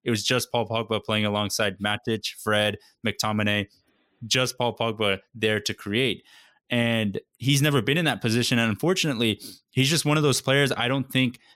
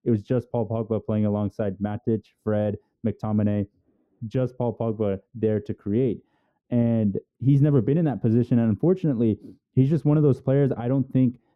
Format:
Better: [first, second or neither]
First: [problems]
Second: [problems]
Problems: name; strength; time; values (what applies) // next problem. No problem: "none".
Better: first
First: none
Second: muffled; very; fading above 1.5 kHz